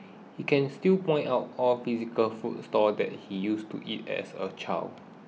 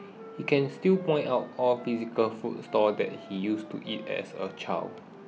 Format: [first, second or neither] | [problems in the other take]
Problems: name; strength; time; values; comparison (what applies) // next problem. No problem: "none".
first | background sound (Wind instrument, woodwind instrument); 19 dB below the speech